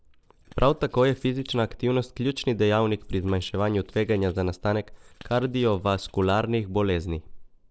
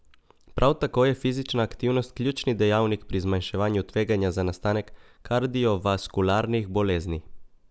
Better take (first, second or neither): second